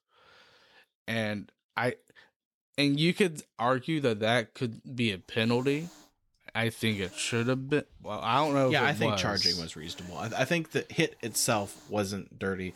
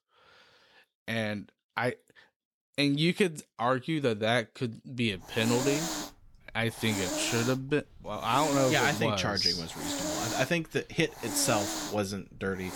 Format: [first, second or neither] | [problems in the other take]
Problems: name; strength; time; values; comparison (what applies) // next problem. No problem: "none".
first | hiss; loud; from 5 s on; 5 dB below the speech; faint in the first